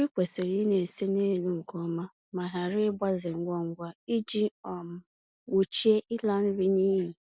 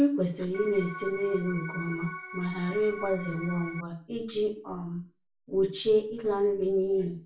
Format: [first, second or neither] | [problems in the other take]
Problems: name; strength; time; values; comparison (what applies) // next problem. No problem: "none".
first | background sound (Organ); 11 dB below the speech // room echo; dies away in 0.3 s